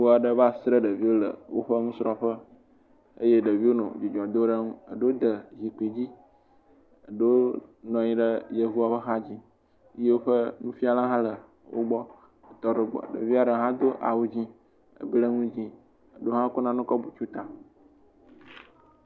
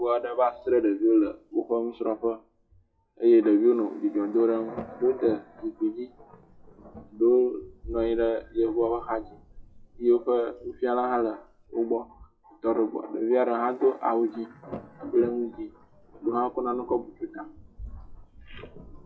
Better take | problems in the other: first | noise reduction (classical method WPE with log-MMSE)

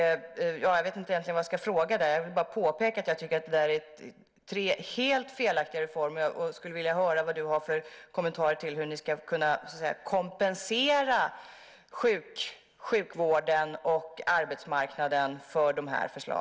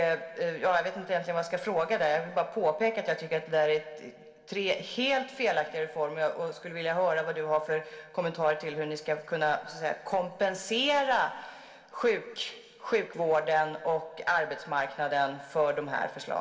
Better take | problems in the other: first | room echo; dies away in 1.7 s

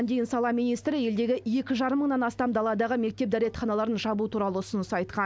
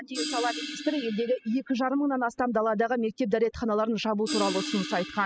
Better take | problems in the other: first | noise reduction (classical method spectral subtraction)

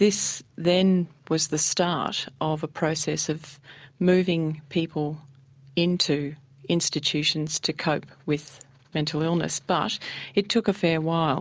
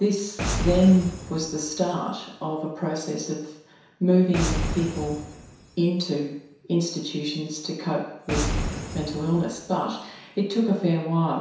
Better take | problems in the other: first | background sound (Boom); 8 dB below the speech // room echo; dies away in 0.7 s

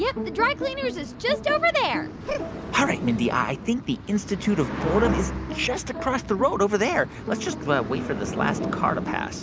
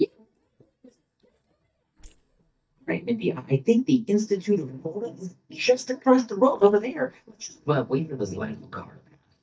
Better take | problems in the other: first | noise reduction (neural mask model DeepFilterNet 3)

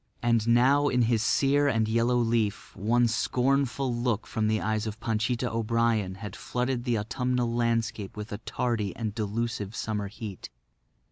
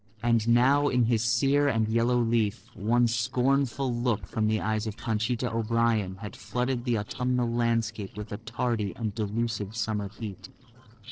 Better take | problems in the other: first | noise reduction (neural separator model SepFormer DNS4)

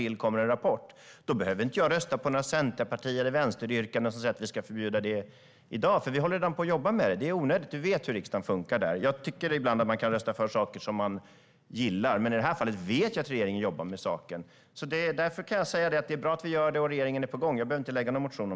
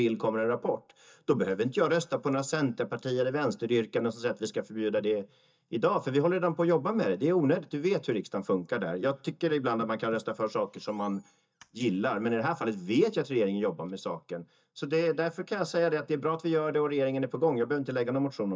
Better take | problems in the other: first | noise reduction (neural mask model DeepFilterNet 3)

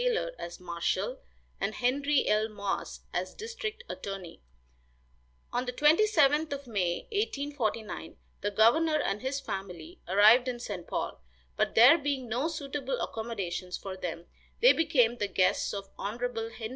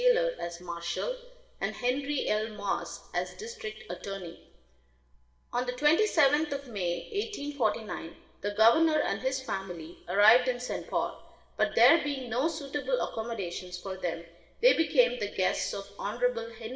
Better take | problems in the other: first | room echo; dies away in 1.2 s

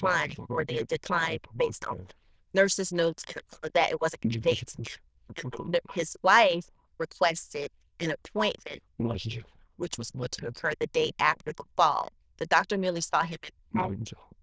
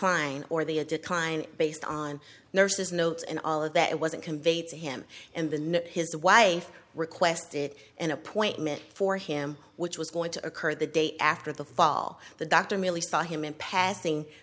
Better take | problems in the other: second | noise reduction (neural diffusion model UNIVERSE++)

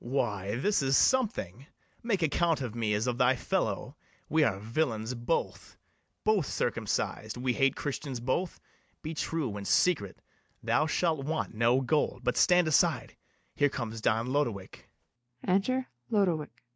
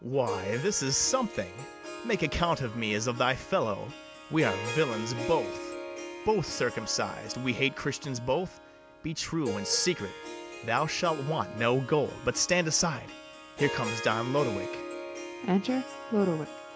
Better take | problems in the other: first | background sound (Harp); 10 dB below the speech

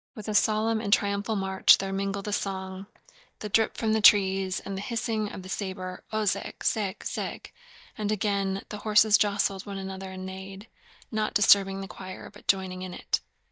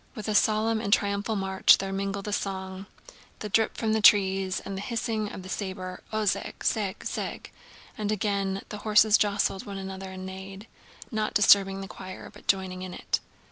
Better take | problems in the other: second | noise reduction (neural mask model DeepFilterNet 3)

